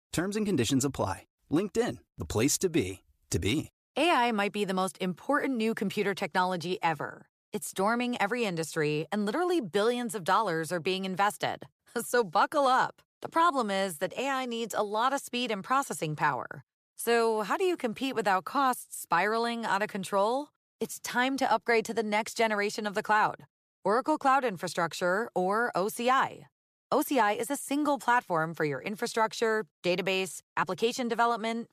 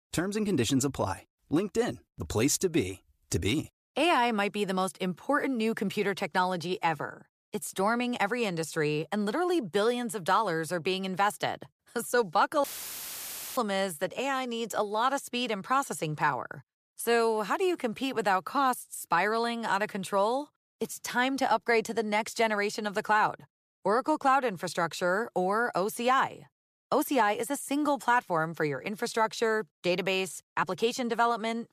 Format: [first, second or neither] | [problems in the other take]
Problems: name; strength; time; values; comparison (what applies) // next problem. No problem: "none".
first | audio cutting out; filled with static; at 13 s for 1 s